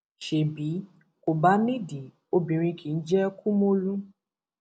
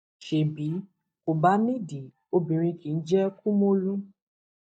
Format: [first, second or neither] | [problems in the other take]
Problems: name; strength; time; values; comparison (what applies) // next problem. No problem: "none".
first | noise reduction (neural mask model DeepFilterNet 3)